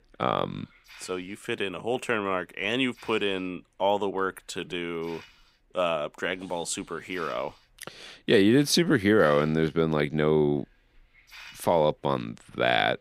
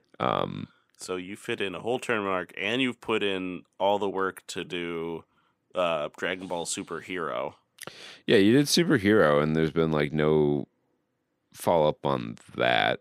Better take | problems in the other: second | hiss; faint; throughout; 25 dB below the speech

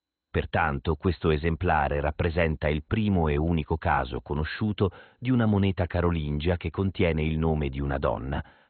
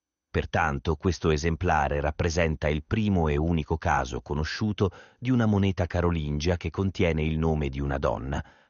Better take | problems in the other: second | garbled, watery; badly; nothing above 4 kHz; slightly in the second

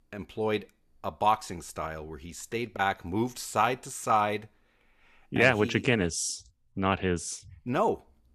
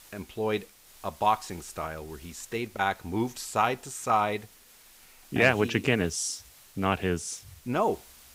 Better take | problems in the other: first | hiss; faint; throughout; 25 dB below the speech

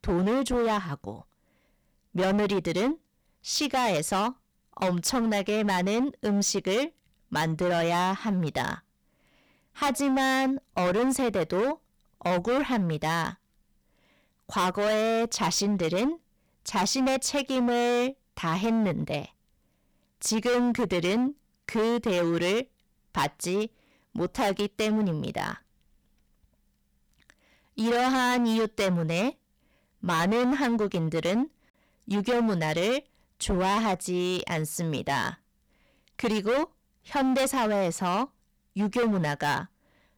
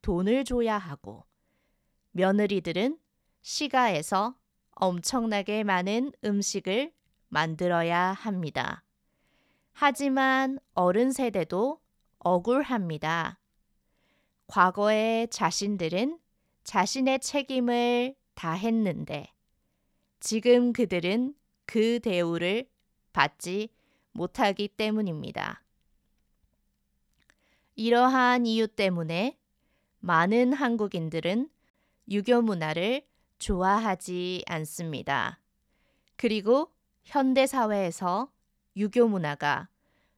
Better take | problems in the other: second | distortion; heavy; 18% of the sound clipped

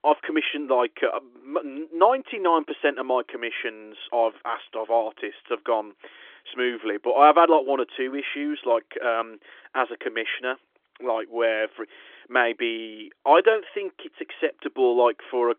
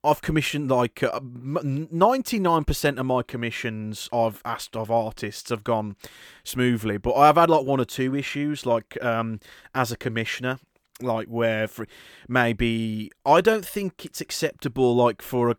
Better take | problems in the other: second | phone-call audio; nothing above 3.5 kHz

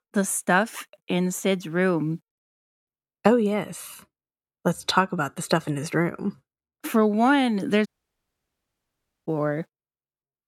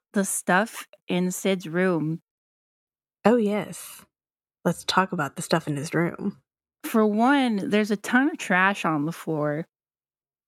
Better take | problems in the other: second | audio cutting out; at 8 s for 1.5 s

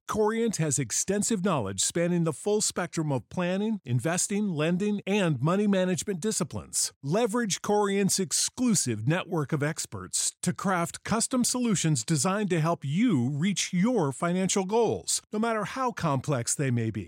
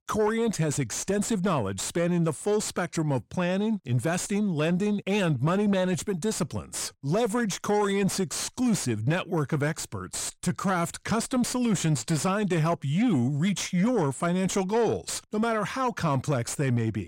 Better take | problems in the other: first | distortion; slight; 10 dB below the speech

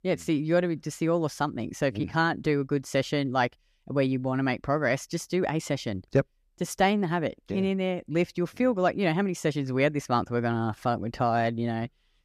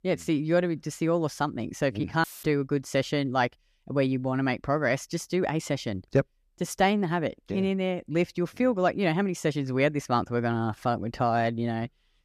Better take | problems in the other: first | audio cutting out; filled with static; at 2 s

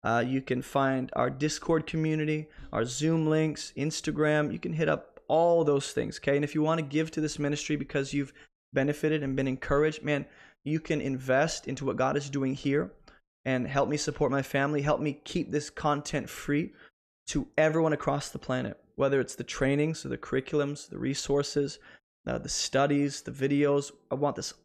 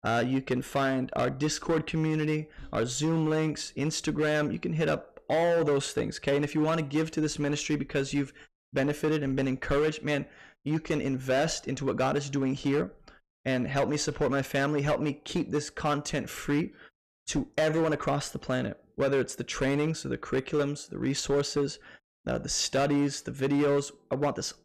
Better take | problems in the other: first | distortion; slight; 9% of the sound clipped

